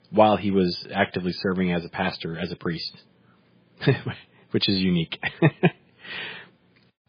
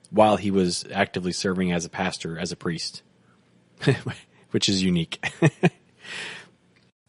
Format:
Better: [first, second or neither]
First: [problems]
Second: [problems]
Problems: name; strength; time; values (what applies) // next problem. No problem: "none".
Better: second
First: garbled, watery; badly; nothing above 4.5 kHz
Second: garbled, watery; slightly; nothing above 10.5 kHz